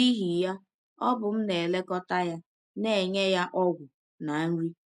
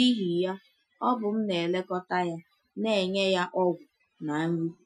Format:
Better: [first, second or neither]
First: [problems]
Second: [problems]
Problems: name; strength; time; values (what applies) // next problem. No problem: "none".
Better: first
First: none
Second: noise reduction (classical method Wiener filter)